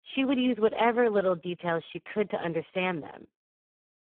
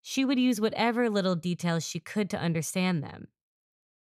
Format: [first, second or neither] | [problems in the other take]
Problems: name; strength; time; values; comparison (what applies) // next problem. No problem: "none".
second | phone-call audio; poor line